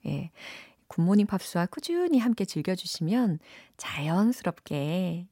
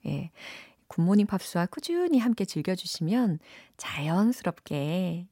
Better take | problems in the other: neither | none

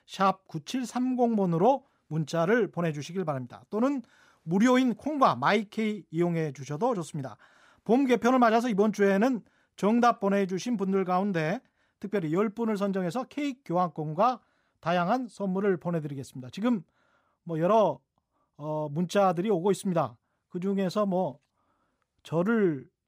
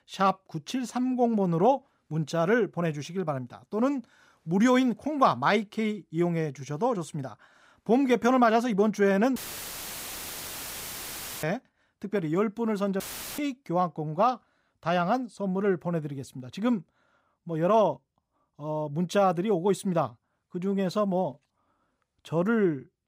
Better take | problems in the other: first | audio cutting out; filled with static; at 9.5 s for 2 s and at 13 s

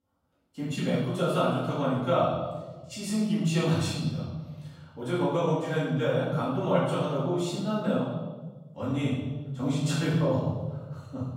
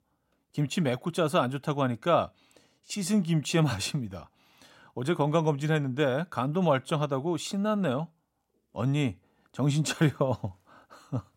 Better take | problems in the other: second | off-mic speech; far // room echo; strong; dies away in 1.3 s

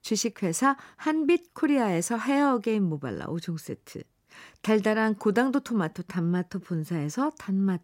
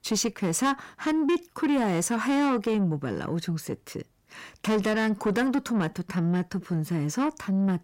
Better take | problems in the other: first | distortion; slight; 10 dB below the speech

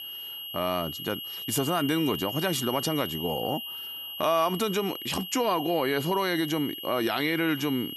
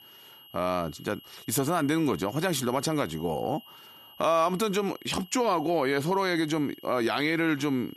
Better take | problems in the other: second | high-pitched whine; loud; throughout; 3 kHz, 7 dB below the speech; faint in the second

